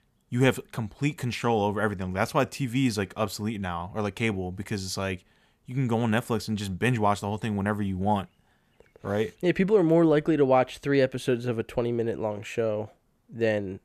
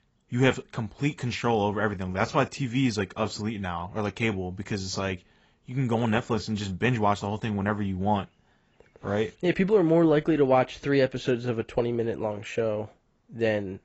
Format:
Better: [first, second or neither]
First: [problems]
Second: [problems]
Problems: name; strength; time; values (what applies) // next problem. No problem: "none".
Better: first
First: none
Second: garbled, watery; badly; nothing above 8 kHz